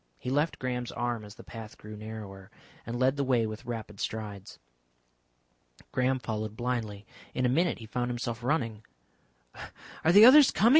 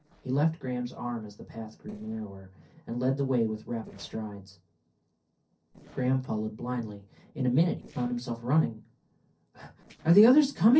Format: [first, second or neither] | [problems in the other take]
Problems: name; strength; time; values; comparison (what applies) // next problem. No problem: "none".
first | noise reduction (neural separator model SepFormer DNS4)